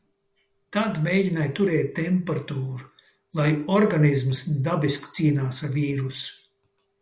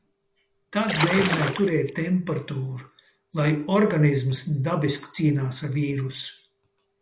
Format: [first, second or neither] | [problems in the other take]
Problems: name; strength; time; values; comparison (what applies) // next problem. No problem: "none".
first | background sound (Splash, splatter); 3 dB below the speech